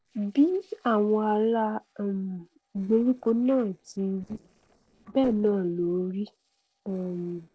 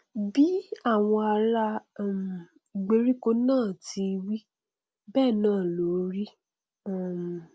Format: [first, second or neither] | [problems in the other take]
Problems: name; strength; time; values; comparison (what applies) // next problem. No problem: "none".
second | noise reduction (neural separator model SepFormer DNS4)